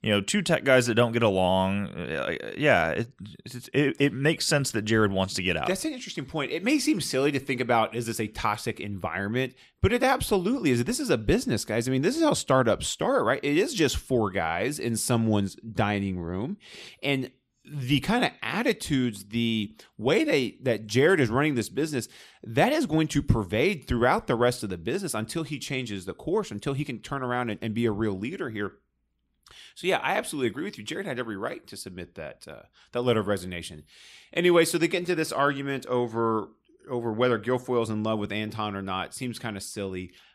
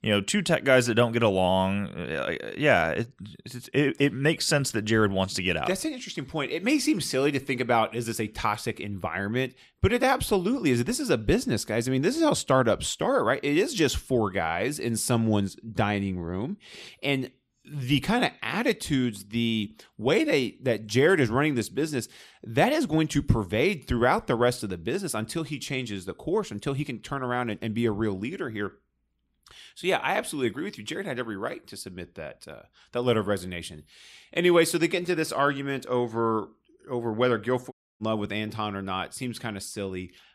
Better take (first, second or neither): first